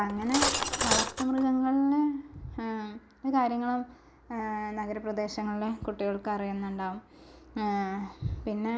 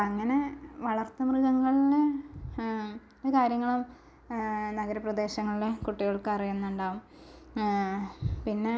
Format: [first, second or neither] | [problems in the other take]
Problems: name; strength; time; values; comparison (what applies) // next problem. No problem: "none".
second | background sound (Cutlery, silverware); 1 dB above the speech